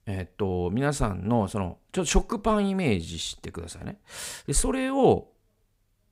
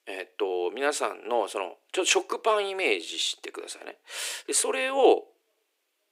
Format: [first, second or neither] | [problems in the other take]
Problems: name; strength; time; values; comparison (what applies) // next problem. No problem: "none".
first | thin; very; fading below 300 Hz